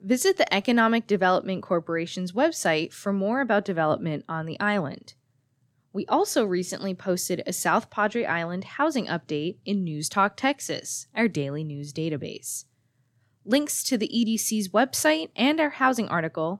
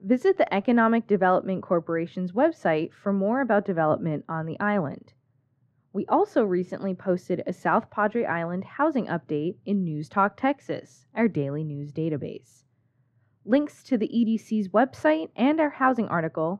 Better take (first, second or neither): first